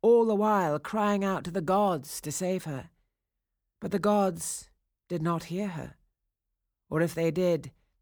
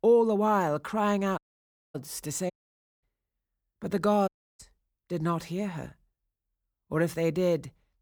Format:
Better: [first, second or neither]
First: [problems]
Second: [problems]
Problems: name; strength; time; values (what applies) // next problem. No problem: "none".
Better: first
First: none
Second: audio cutting out; at 1.5 s for 0.5 s, at 2.5 s for 0.5 s and at 4.5 s